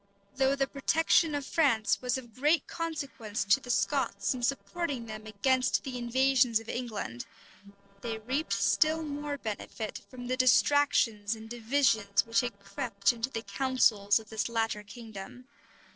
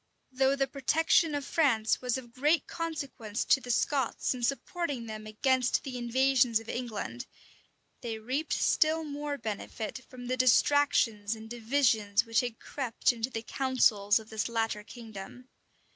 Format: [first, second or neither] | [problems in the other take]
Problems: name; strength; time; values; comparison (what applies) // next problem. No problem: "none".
second | noise reduction (neural separator model SepFormer DNS4)